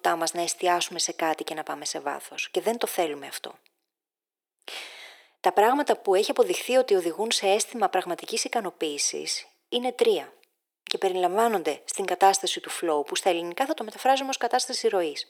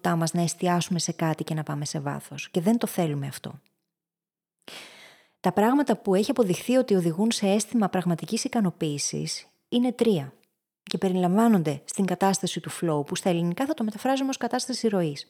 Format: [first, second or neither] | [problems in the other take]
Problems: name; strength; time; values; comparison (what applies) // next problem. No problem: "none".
second | thin; very; fading below 400 Hz